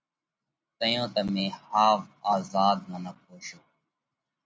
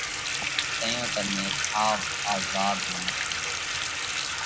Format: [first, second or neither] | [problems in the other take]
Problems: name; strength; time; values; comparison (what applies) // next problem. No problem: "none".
first | background sound (Bathtub (filling or washing) / Water tap, faucet); 3 dB above the speech